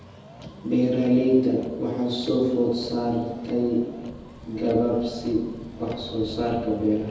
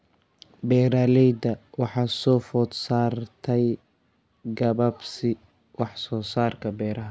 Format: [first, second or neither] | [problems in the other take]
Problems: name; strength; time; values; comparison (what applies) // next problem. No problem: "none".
second | background sound (Motor vehicle (road)); 17 dB below the speech // room echo; dies away in 1.1 s